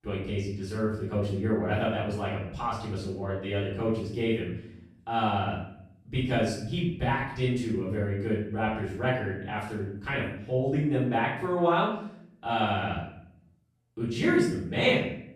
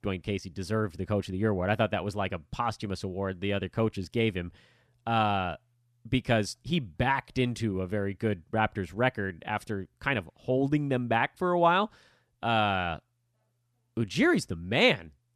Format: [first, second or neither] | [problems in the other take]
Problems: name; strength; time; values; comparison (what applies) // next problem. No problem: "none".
second | room echo; noticeable; dies away in 0.6 s // off-mic speech; far